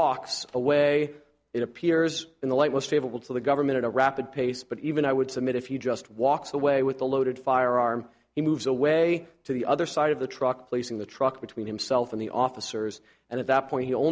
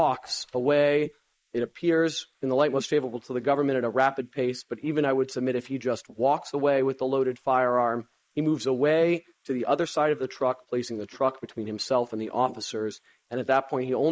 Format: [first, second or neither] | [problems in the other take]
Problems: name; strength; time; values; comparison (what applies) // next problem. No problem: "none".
first | noise reduction (neural mask model Resemble Enhance denoiser)